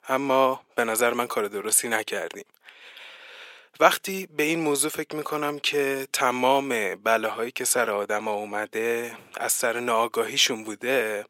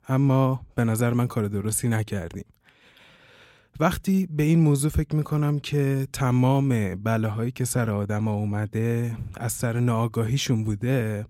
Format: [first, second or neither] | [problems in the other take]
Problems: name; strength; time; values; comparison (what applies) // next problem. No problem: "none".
second | thin; very; fading below 450 Hz